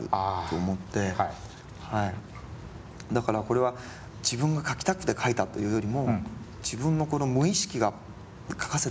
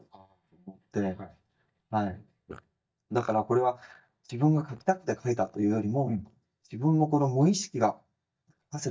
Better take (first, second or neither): first